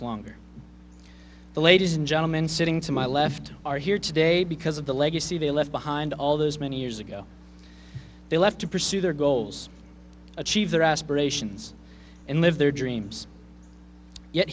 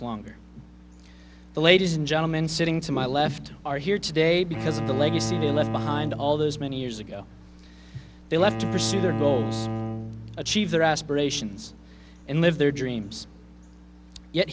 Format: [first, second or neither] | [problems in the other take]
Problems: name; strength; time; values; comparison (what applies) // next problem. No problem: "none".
first | background sound (Bowed string instrument); 5 dB below the speech